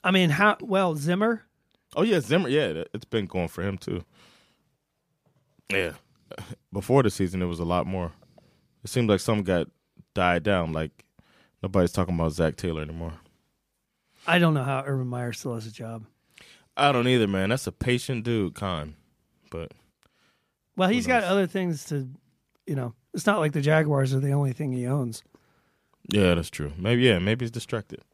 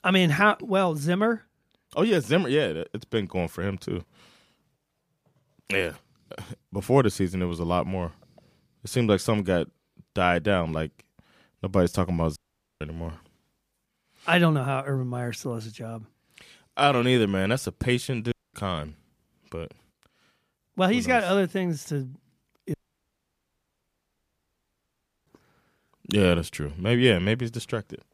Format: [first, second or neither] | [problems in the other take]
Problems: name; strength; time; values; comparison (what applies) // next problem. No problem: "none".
first | audio cutting out; at 12 s, at 18 s and at 23 s for 2.5 s